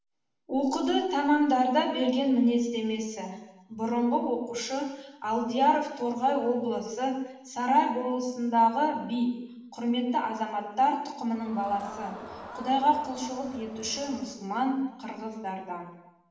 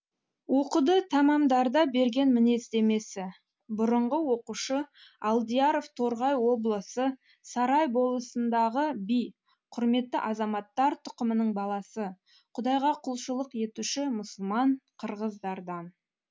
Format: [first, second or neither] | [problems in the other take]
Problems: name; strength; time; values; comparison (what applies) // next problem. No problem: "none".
second | background sound (Crowd); 16 dB below the speech // room echo; dies away in 1 s